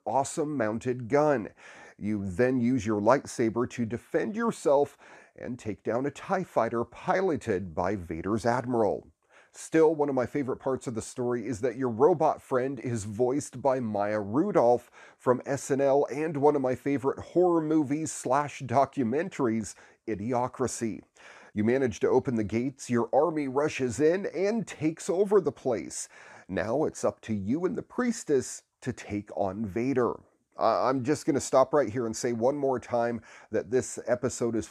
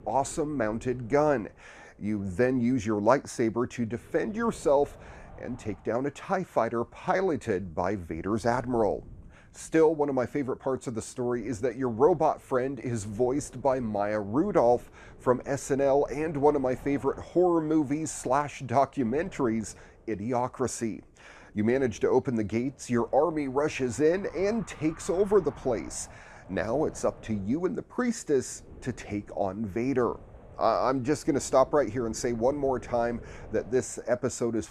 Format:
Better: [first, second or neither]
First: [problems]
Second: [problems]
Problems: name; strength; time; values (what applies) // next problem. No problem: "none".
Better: first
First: none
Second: wind noise on the microphone; occasional gusts; 25 dB below the speech